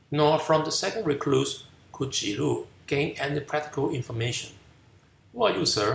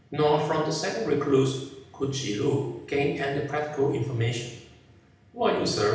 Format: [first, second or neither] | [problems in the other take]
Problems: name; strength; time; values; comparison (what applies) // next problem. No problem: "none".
first | room echo; dies away in 0.8 s